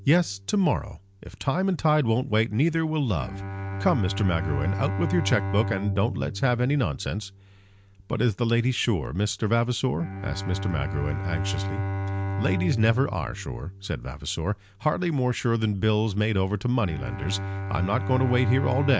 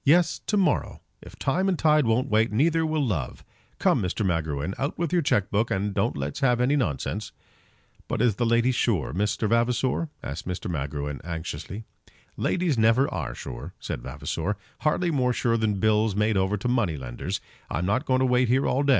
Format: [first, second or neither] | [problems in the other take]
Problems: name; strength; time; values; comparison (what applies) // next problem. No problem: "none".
second | background sound (Bowed string instrument); 7 dB below the speech